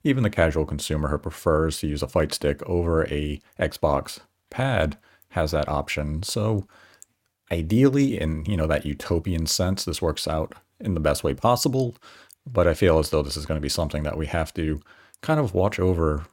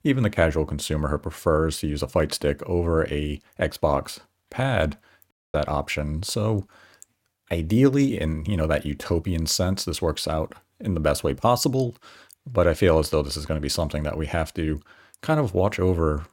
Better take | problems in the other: first | audio cutting out; at 5.5 s

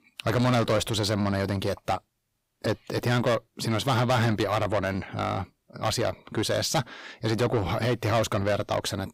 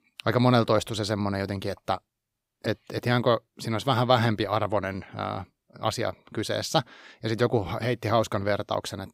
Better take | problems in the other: second | distortion; heavy; 6 dB below the speech

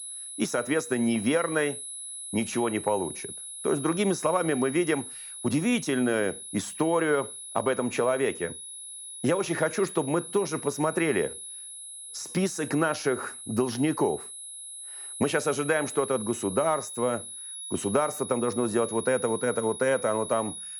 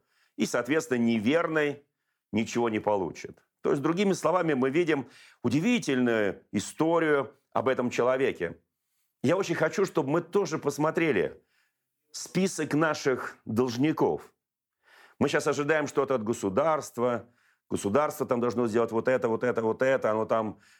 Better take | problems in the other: second | high-pitched whine; loud; throughout; 10.5 kHz, 9 dB below the speech

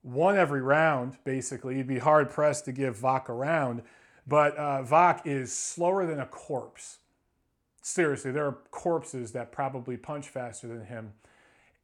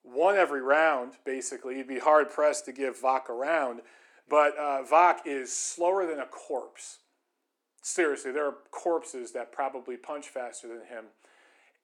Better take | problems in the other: first | thin; somewhat; fading below 300 Hz

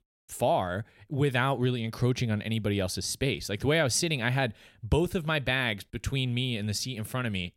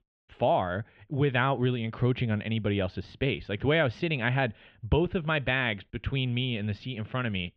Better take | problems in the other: first | muffled; very; fading above 3 kHz

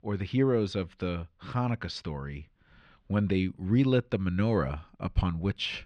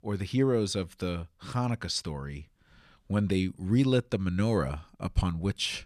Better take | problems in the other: second | muffled; slightly; fading above 3 kHz

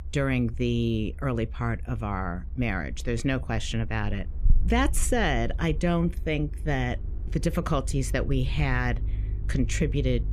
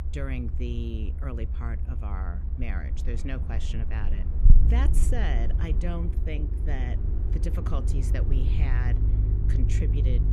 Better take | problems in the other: first | low rumble; loud; throughout; 4 dB below the speech; faint in the first

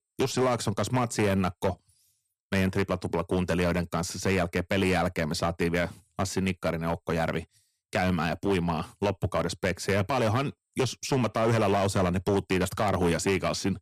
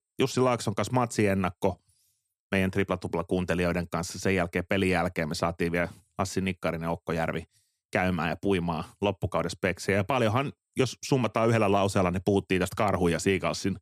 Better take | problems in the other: second | distortion; slight; 7% of the sound clipped

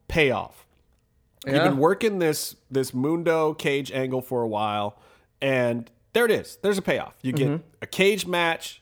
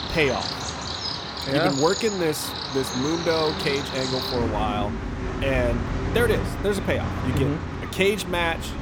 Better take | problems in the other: first | animal sounds; loud; throughout; 3 dB below the speech

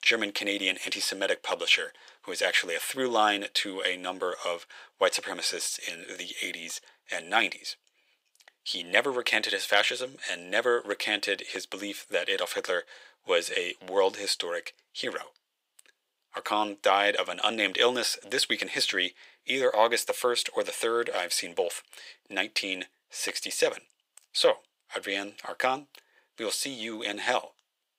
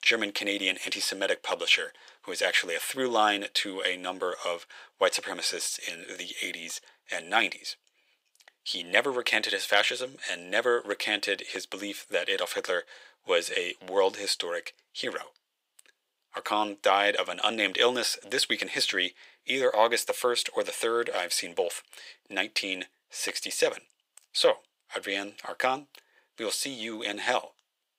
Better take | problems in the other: neither | thin; very; fading below 550 Hz; the same in both

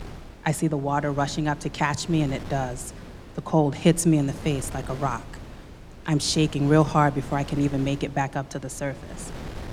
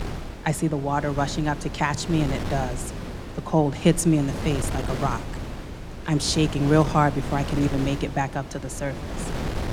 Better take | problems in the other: first | wind noise on the microphone; heavy; 10 dB below the speech; occasional gusts in the first

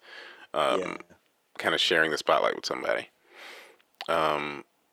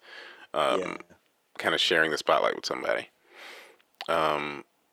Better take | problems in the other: neither | thin; somewhat; fading below 400 Hz; the same in both

